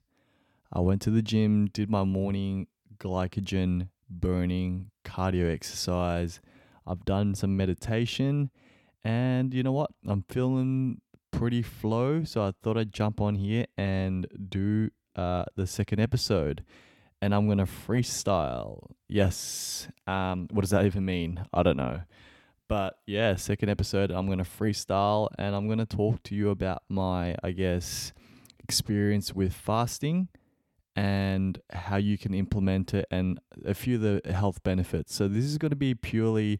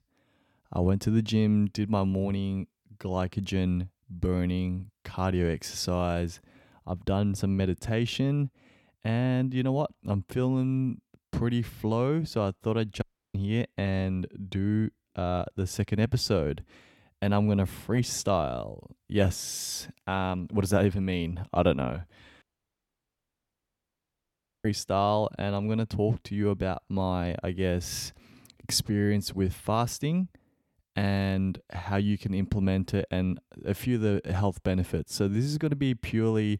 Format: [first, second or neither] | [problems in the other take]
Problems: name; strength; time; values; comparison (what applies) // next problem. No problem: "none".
first | audio cutting out; at 13 s and at 22 s for 2 s